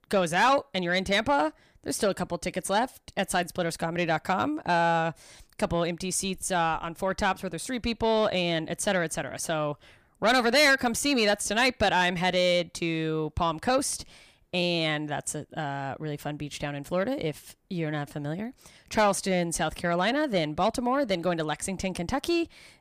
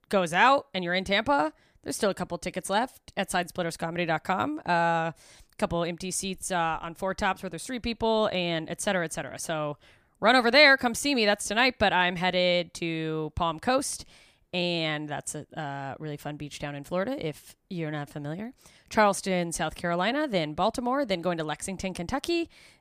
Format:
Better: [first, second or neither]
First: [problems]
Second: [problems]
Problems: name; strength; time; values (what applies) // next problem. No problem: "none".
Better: second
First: distortion; slight; 10 dB below the speech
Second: none